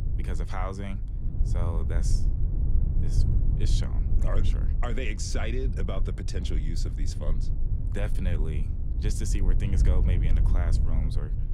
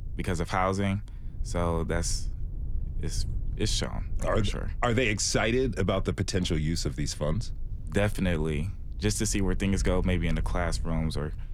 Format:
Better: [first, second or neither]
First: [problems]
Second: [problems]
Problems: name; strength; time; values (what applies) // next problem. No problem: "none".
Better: second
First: low rumble; loud; throughout; 6 dB below the speech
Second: low rumble; faint; throughout; 25 dB below the speech